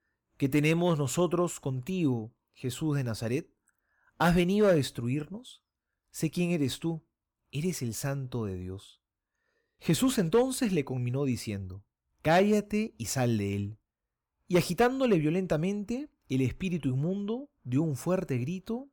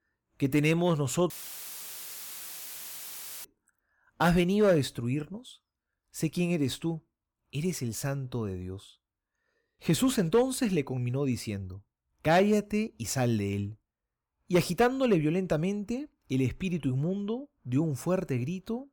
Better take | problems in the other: first | audio cutting out; filled with static; at 1.5 s for 2 s

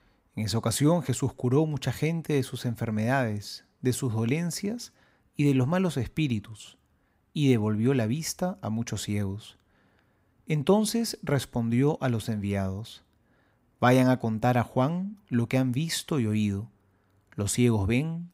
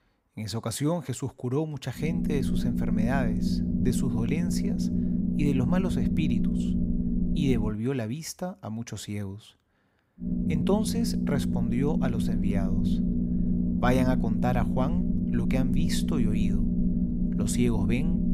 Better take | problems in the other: first | low rumble; loud; from 2 to 7.5 s and from 10 s on; 1 dB below the speech

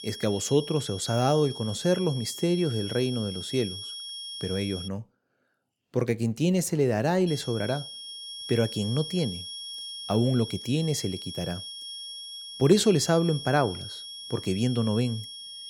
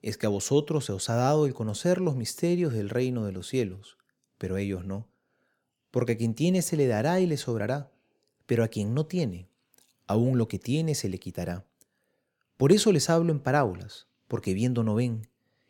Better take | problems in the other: second | high-pitched whine; loud; until 5 s and from 7.5 s on; 3.5 kHz, 10 dB below the speech

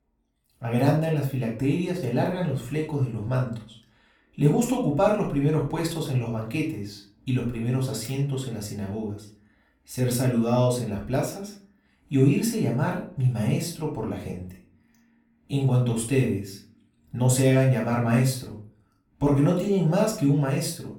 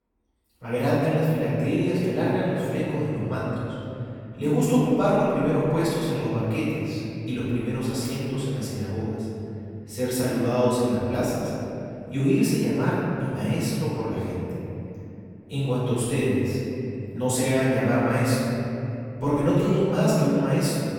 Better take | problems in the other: first | room echo; strong; dies away in 2.9 s; slight in the first // off-mic speech; far; far in the first

